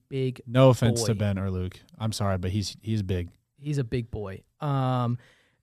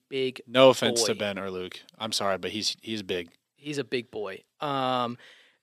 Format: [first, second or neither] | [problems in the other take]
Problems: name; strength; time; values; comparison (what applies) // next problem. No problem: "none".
first | thin; somewhat; fading below 350 Hz